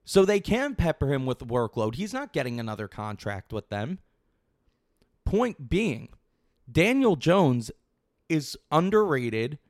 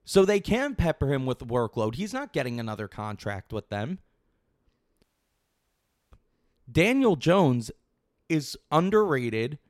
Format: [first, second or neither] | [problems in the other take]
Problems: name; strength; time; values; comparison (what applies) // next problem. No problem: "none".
first | audio cutting out; at 5 s for 1 s